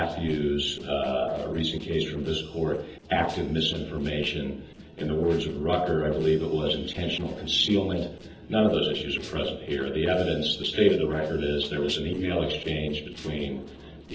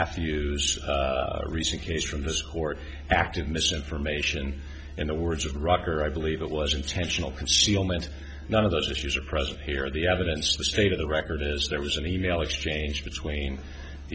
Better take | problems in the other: second | noise reduction (neural separator model SepFormer DNS4)

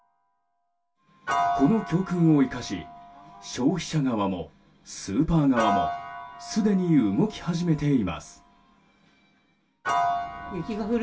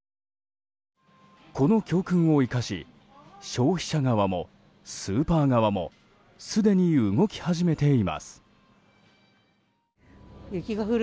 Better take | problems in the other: second | background sound (Piano); 7 dB below the speech // room echo; dies away in 0.2 s

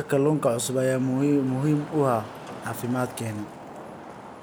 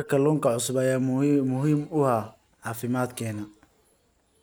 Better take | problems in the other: second | background sound (Traffic noise, roadway noise); 15 dB below the speech

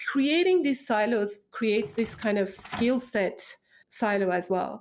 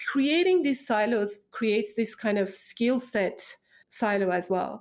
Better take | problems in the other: second | background sound (Door); 16 dB below the speech

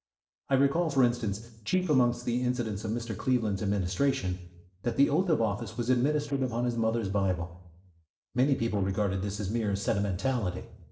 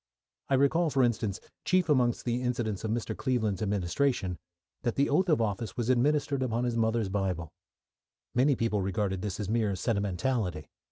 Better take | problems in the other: second | noise reduction (neural separator model SepFormer DNS4)

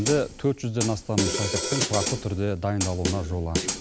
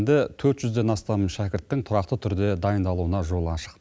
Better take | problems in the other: second | background sound (Snare drum); 3 dB below the speech

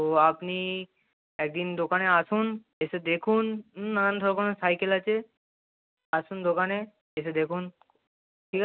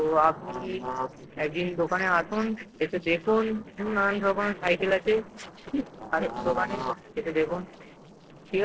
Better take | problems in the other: first | noise reduction (neural separator model SepFormer DNS4)

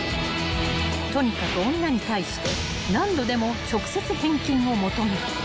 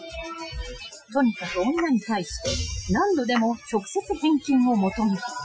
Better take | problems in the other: first | noise reduction (classical method Wiener filter)

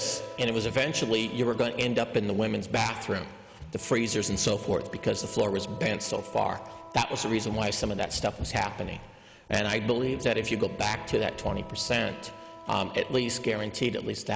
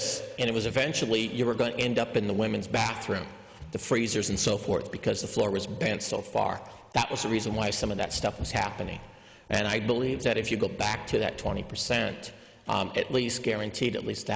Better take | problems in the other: second | background sound (Wind instrument, woodwind instrument); 20 dB below the speech

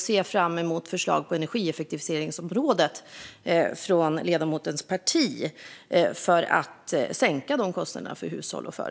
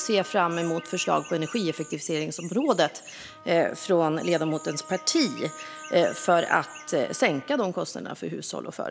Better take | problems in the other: first | background sound (Wind instrument, woodwind instrument + Chirp, tweet); 18 dB below the speech

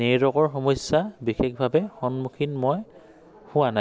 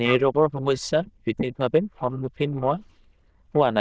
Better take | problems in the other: first | noise reduction (neural diffusion model UNIVERSE++)

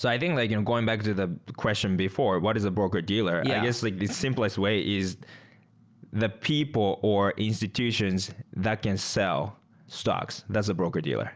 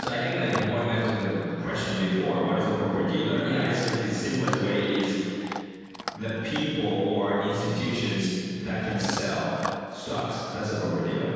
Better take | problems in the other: first | background sound (Chewing, mastication / Dog); 13 dB below the speech // room echo; dies away in 2.1 s

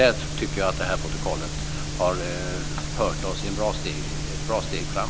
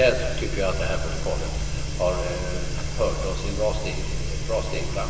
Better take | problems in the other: first | room echo; dies away in 2.3 s

